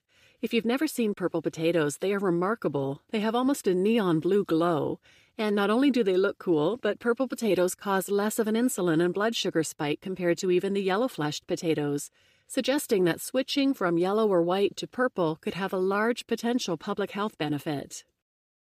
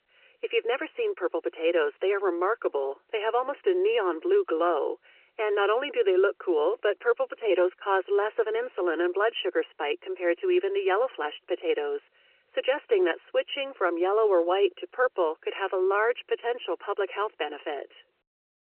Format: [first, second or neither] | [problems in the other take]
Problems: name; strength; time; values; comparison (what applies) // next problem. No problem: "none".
first | phone-call audio; nothing above 3 kHz